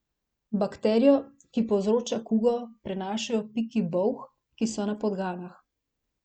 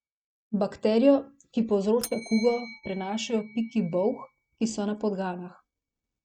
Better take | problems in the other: first | noise reduction (neural mask model RNNoise)

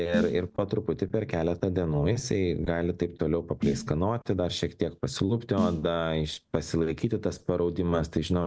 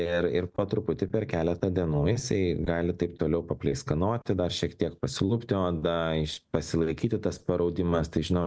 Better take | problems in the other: second | background sound (Snare drum); 9 dB below the speech

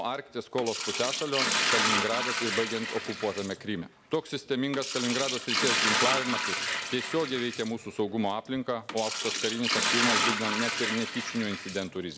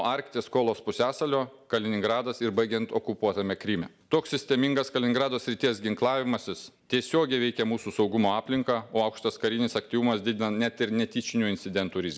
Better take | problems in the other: second | background sound (Liquid); 1 dB above the speech

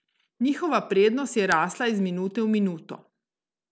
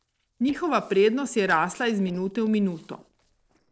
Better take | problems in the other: first | noise reduction (neural separator model SepFormer DNS4)

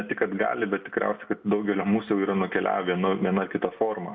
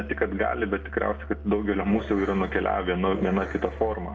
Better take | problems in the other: first | background sound (Growling + Musical instrument); 11 dB below the speech

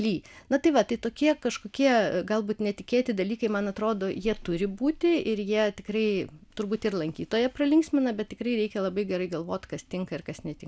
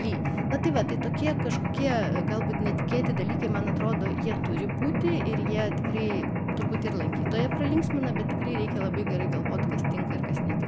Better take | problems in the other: first | background sound (Mechanisms); 5 dB above the speech

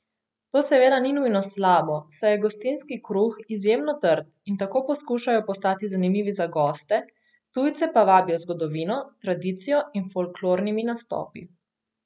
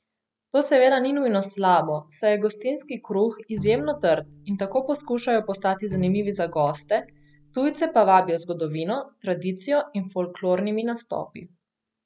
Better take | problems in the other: first | background sound (Bowed string instrument); 17 dB below the speech

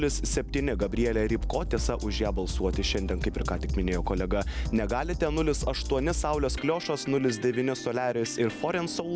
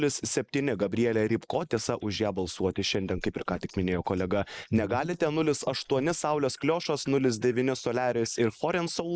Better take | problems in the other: first | noise reduction (neural mask model Resemble Enhance denoiser)

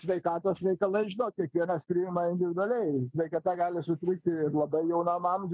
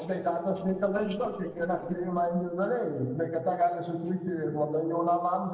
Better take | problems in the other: first | noise reduction (neural separator model SepFormer DNS4)

